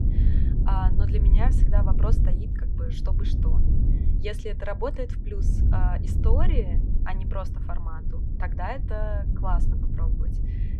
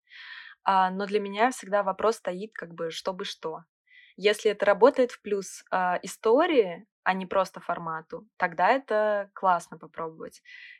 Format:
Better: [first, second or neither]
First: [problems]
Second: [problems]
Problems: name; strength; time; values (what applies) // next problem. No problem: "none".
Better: second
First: low rumble; loud; throughout; 6 dB below the speech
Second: none